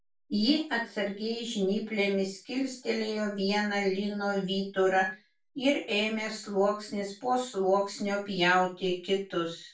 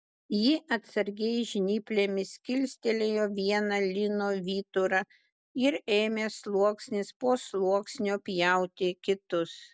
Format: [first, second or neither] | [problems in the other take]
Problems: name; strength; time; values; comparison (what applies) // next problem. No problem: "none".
second | room echo; dies away in 0.3 s